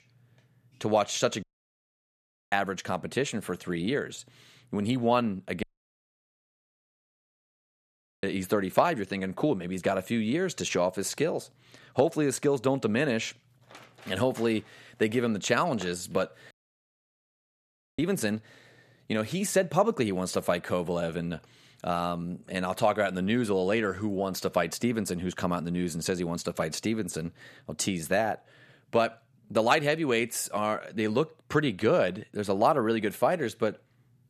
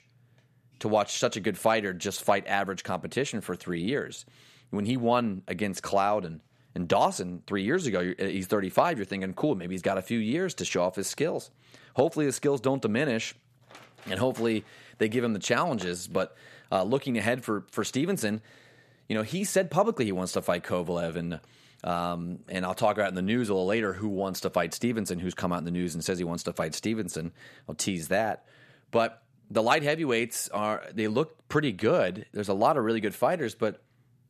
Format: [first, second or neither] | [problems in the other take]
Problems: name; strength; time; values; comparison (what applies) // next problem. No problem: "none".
second | audio cutting out; at 1.5 s for 1 s, at 5.5 s for 2.5 s and at 17 s for 1.5 s